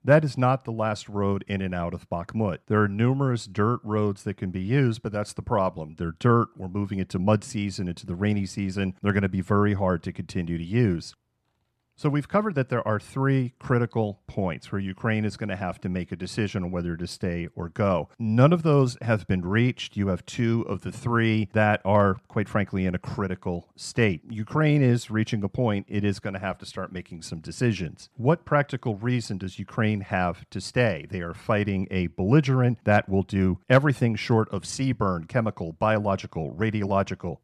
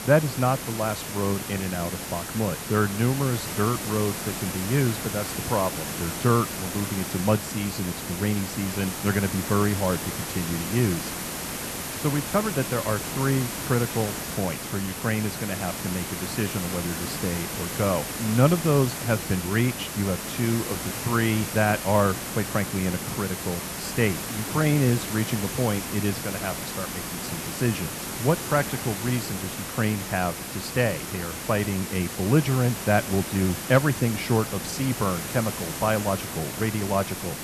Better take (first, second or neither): first